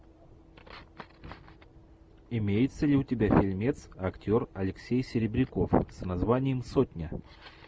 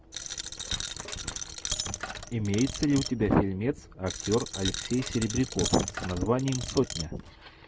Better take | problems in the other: first | background sound (Coin (dropping)); 7 dB below the speech

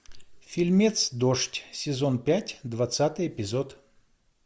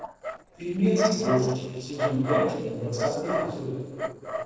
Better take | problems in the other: first | noise reduction (neural separator model SepFormer DNS4)

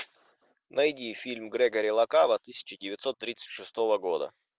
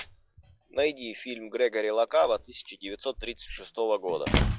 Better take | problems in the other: first | noise reduction (classical method log-MMSE)

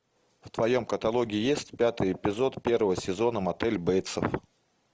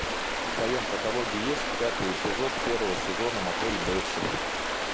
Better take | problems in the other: first | background sound (Stream); 2 dB above the speech

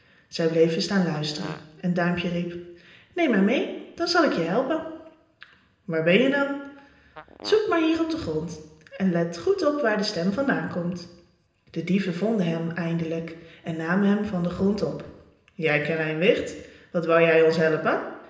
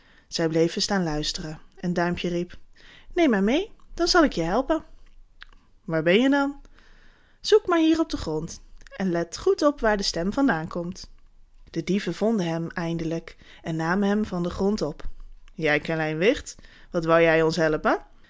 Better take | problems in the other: second | background sound (Fart); 19 dB below the speech // room echo; dies away in 0.9 s

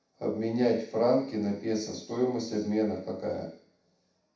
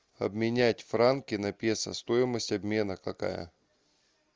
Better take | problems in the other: second | room echo; dies away in 0.7 s

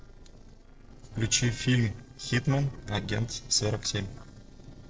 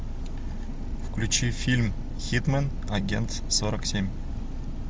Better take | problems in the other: second | noise reduction (neural separator model SepFormer DNS4)

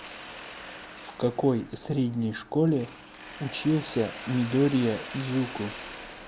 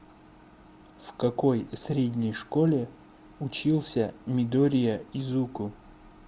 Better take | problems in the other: second | background sound (Mechanisms); 14 dB below the speech

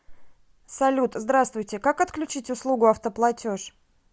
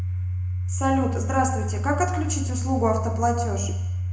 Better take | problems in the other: first | background sound (Domestic sounds, home sounds); as loud as the speech // room echo; dies away in 0.9 s

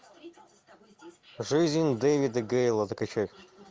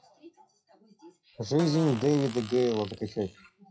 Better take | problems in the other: first | noise reduction (classical method WPE with log-MMSE)

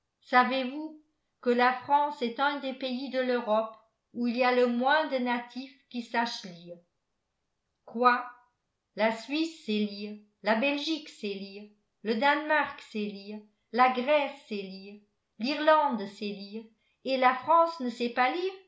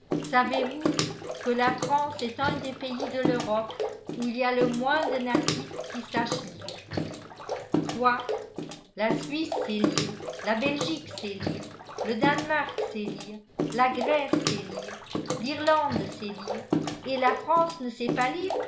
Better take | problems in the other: first | background sound (Bathtub (filling or washing) / Water / Splash, splatter); 2 dB below the speech

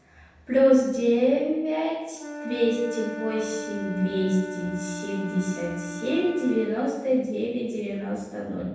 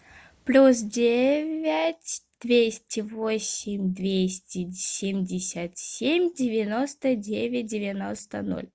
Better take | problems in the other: second | background sound (Wind instrument, woodwind instrument); 13 dB below the speech // room echo; dies away in 1.1 s

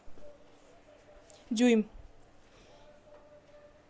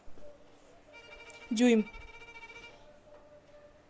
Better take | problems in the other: first | background sound (Bowed string instrument); 18 dB below the speech

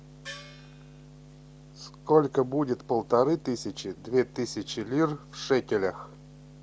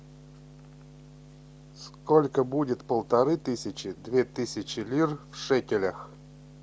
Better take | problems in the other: second | background sound (Gong); 17 dB below the speech

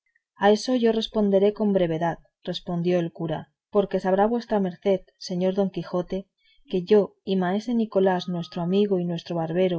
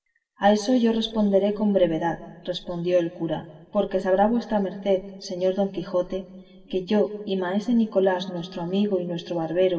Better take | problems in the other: first | room echo; dies away in 1.7 s

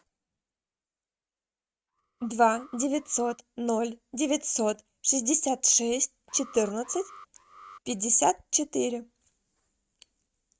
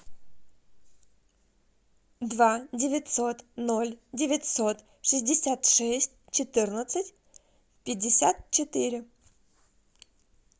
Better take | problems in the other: second | noise reduction (neural mask model RNNoise)

